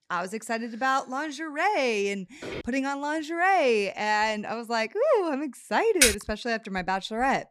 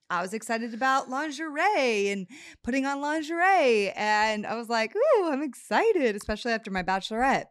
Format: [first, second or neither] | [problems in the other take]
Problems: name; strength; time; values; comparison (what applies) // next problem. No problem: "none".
second | footsteps; faint; at 2.5 s; peak 10 dB below the speech // keyboard typing; loud; at 6 s; peak 5 dB above the speech